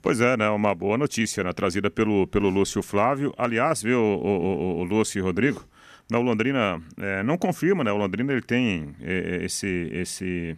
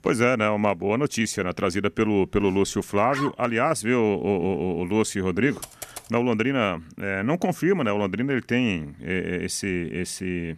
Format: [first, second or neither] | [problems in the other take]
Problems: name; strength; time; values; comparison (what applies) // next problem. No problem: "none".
first | dog barking; noticeable; at 3 s; peak 8 dB below the speech // keyboard typing; faint; at 5.5 s; peak 15 dB below the speech